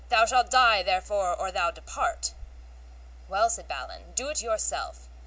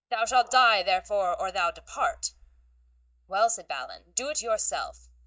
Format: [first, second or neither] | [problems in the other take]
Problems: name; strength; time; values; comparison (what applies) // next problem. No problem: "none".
first | noise reduction (neural mask model DeepFilterNet 3)